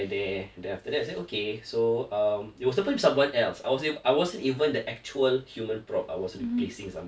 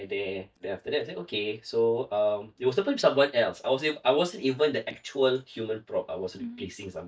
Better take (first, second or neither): first